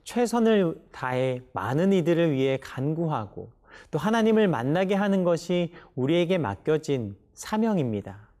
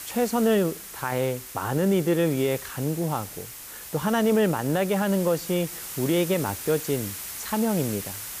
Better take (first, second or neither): first